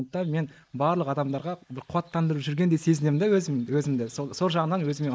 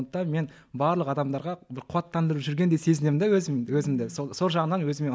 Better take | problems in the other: second | noise reduction (neural mask model Resemble Enhance denoiser)

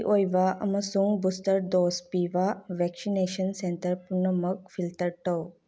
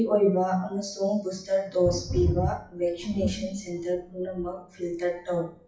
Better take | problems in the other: first | noise reduction (classical method WPE with log-MMSE)

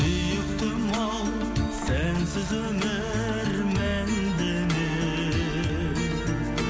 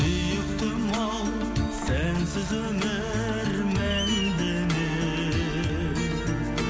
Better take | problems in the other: first | background sound (Screech); 14 dB below the speech

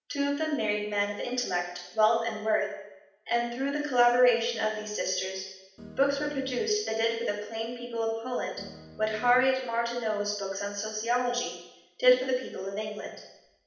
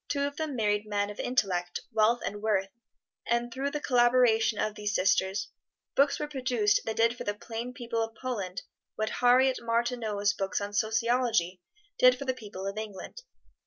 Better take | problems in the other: second | background sound (Guitar); 16 dB below the speech // room echo; dies away in 0.8 s

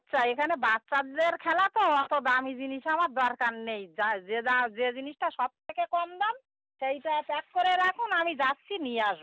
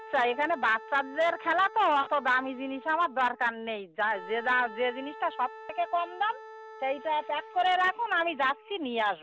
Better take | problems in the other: first | background sound (Wind instrument, woodwind instrument); 17 dB below the speech

